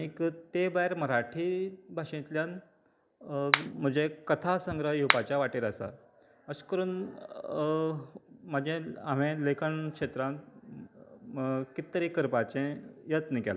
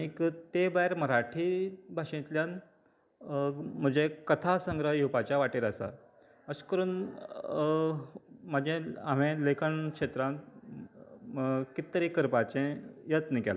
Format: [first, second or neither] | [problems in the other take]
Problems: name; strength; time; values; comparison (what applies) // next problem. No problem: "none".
second | background sound (Finger snapping); 1 dB below the speech